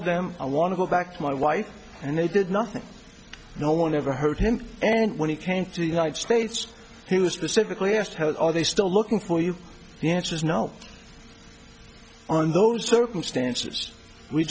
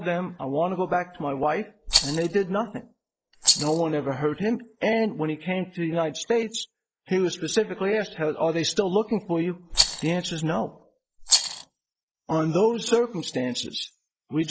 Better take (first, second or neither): first